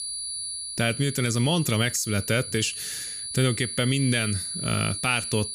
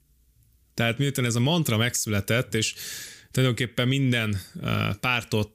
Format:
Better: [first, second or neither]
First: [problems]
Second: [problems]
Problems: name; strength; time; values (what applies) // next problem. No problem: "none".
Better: second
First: high-pitched whine; loud; throughout; 10 kHz, 6 dB below the speech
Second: none